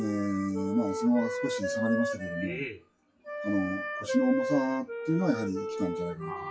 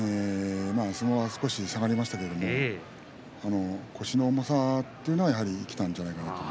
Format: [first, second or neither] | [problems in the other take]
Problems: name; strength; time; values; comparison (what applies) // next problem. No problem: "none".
second | noise reduction (classical method WPE with log-MMSE)